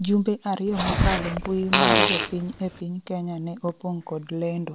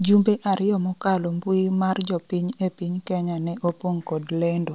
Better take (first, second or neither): second